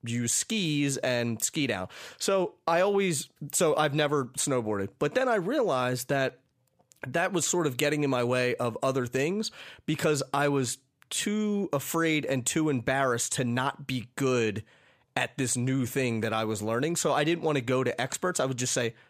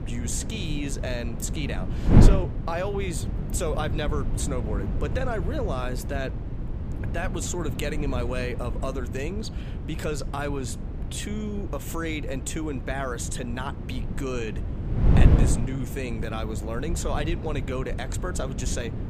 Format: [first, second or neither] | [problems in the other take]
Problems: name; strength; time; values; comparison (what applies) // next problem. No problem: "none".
first | wind noise on the microphone; heavy; 5 dB below the speech